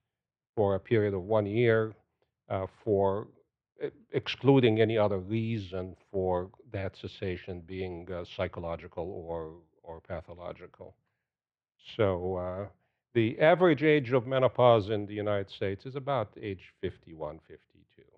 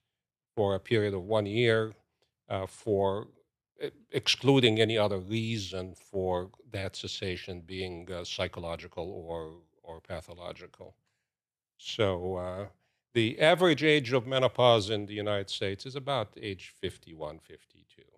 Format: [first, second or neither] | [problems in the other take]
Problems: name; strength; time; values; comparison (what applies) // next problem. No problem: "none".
second | muffled; very; fading above 2 kHz